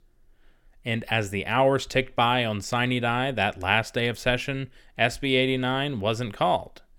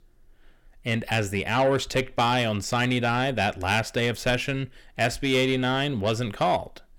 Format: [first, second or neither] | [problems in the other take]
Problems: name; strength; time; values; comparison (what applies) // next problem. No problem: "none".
first | distortion; slight; 10 dB below the speech